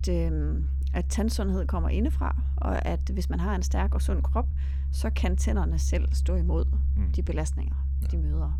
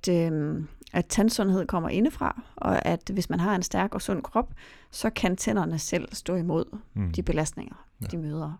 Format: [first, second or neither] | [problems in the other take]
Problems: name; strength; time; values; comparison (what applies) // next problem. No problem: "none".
second | low rumble; noticeable; throughout; 10 dB below the speech